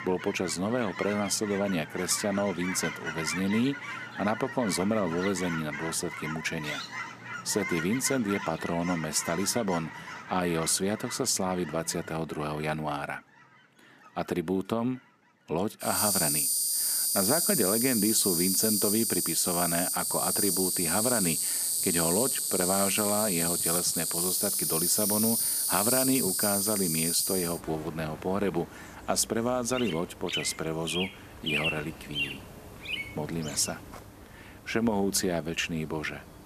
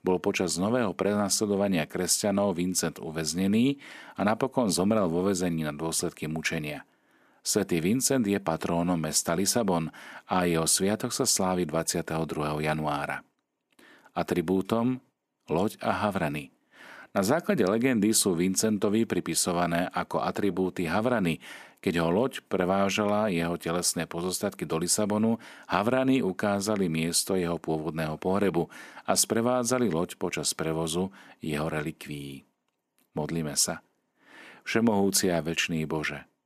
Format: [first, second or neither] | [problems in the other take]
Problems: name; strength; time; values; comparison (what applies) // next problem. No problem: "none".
second | animal sounds; very loud; throughout; 1 dB above the speech